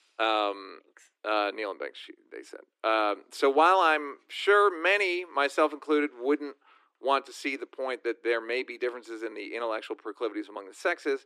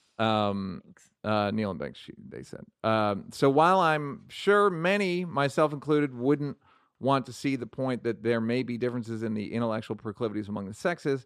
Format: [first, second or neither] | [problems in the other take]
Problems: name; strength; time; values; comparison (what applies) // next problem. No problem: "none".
second | thin; somewhat; fading below 300 Hz